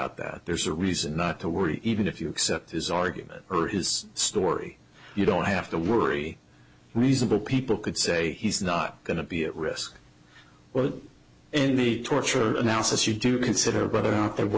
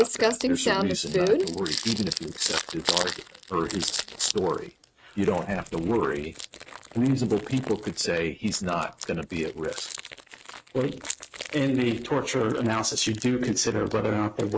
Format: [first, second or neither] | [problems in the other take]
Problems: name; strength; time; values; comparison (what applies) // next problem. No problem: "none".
first | noise reduction (neural mask model RNNoise)